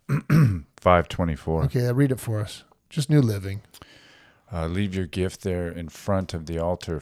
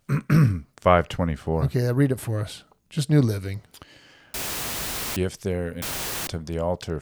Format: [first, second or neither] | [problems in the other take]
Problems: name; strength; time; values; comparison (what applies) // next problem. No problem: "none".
first | audio cutting out; filled with static; at 4.5 s for 1 s and at 6 s